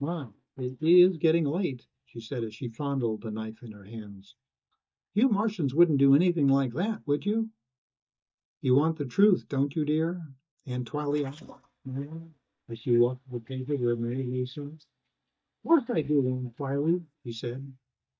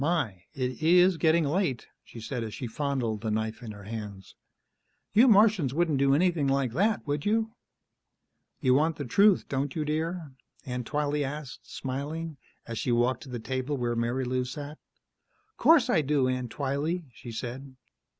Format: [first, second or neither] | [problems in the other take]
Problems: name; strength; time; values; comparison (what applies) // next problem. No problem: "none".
second | noise reduction (neural mask model DeepFilterNet 3)